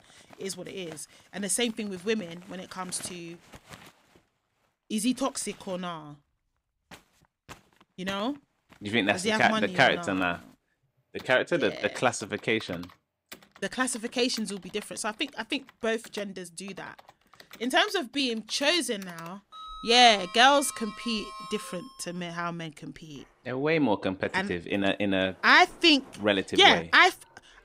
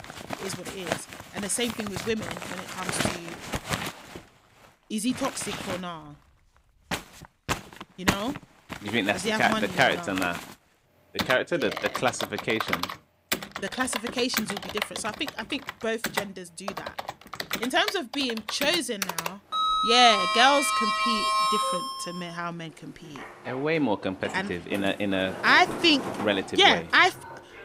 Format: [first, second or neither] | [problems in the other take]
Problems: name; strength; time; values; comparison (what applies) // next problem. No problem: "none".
first | household noises; loud; throughout; 5 dB below the speech; faint in the first